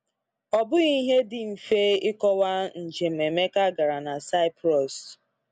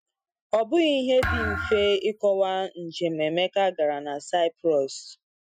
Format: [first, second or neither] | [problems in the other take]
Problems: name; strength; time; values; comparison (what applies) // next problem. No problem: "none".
first | noise reduction (classical method Wiener filter)